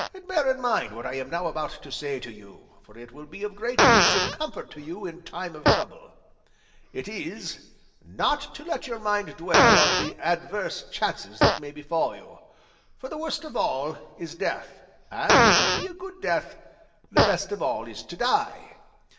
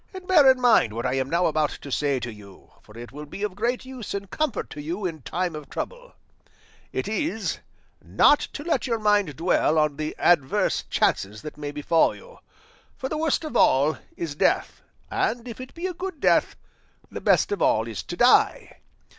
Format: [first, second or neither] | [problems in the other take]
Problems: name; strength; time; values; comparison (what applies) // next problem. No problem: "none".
second | background sound (Fart); 2 dB above the speech // room echo; dies away in 0.9 s